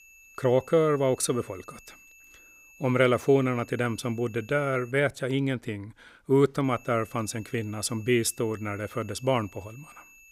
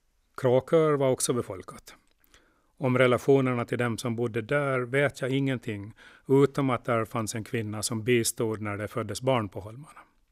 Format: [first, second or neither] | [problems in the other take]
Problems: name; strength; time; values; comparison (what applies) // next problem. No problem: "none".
second | high-pitched whine; faint; until 5 s and from 6.5 s on; 2.5 kHz, 25 dB below the speech